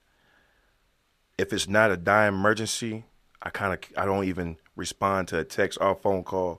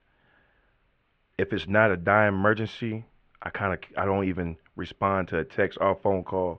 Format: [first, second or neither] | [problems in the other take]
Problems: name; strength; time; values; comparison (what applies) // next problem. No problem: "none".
first | muffled; very; fading above 2.5 kHz